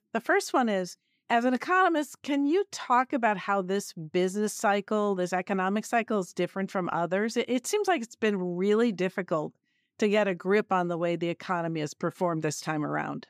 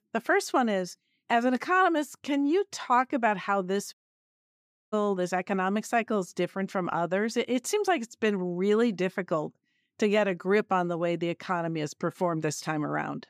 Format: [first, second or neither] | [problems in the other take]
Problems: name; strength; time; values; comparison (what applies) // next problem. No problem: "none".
first | audio cutting out; at 4 s for 1 s